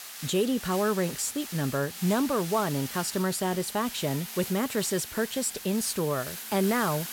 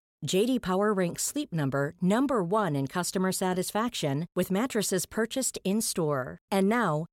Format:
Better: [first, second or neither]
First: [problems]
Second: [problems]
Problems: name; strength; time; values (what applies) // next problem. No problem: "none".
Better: second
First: hiss; loud; throughout; 9 dB below the speech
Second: none